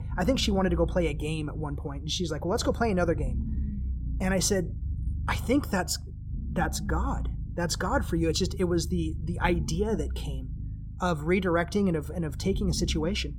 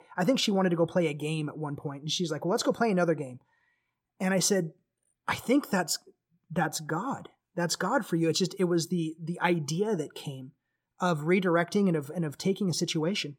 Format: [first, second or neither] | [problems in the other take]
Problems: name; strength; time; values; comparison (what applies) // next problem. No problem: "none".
second | low rumble; noticeable; throughout; 20 dB below the speech